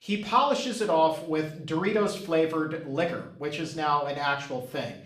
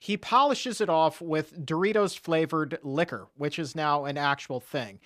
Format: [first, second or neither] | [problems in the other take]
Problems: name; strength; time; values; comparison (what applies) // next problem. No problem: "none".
second | room echo; slight; dies away in 0.5 s // off-mic speech; somewhat distant